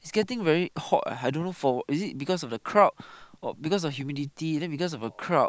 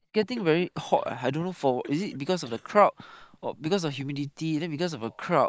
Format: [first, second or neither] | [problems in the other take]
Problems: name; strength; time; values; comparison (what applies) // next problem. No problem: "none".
first | noise reduction (neural mask model DeepFilterNet 3)